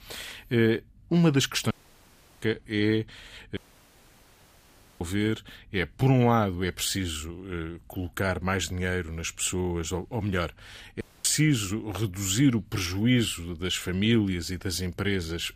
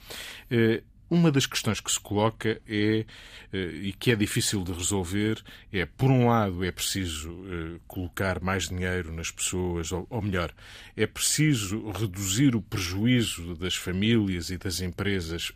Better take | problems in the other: second | audio cutting out; at 1.5 s for 0.5 s, at 3.5 s for 1.5 s and at 11 s

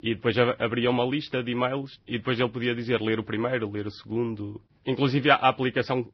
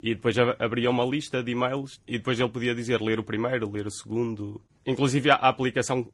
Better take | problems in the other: second | garbled, watery; badly; nothing above 5.5 kHz; slightly in the second

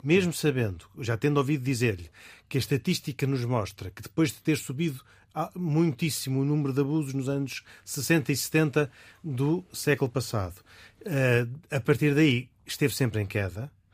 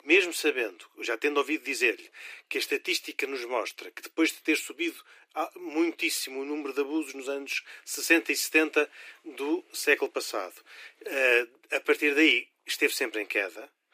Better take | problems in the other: first | thin; very; fading below 300 Hz

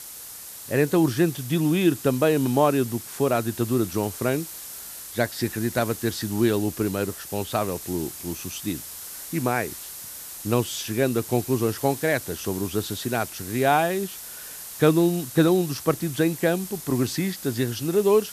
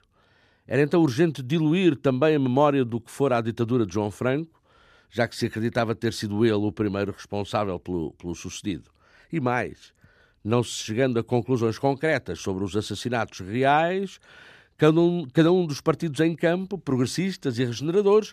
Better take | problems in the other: second | hiss; noticeable; throughout; 10 dB below the speech

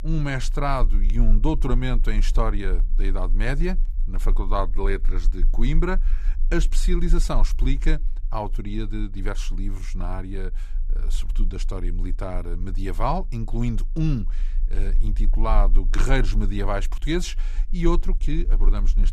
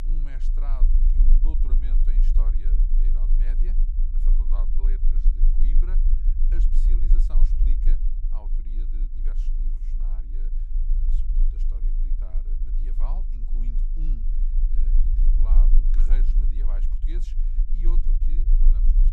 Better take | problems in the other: first | low rumble; loud; throughout; 1 dB below the speech; faint in the first

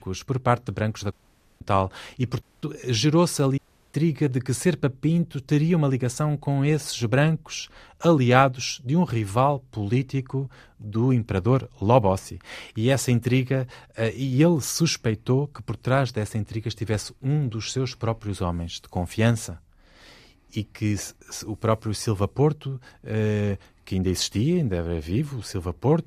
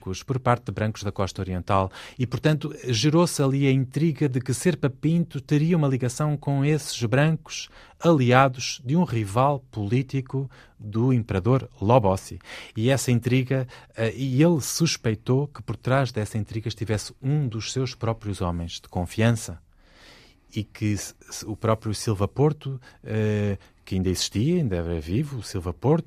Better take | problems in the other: second | audio cutting out; at 1 s, at 2.5 s and at 3.5 s

